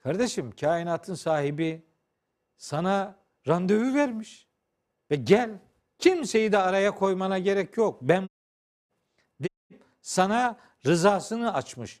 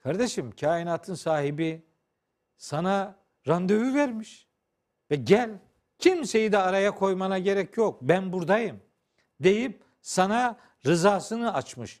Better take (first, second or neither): second